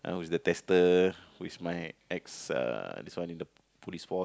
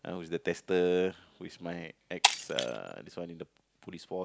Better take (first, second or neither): first